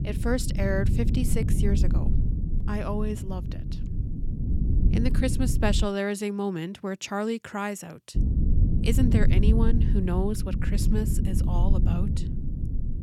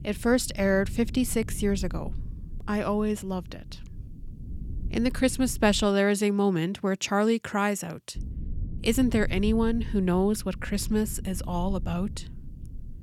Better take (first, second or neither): second